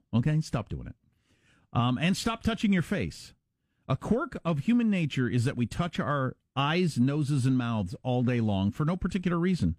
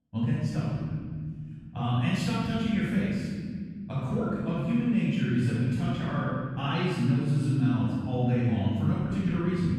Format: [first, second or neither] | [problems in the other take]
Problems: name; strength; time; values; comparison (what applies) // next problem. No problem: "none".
first | off-mic speech; far // room echo; strong; dies away in 2.4 s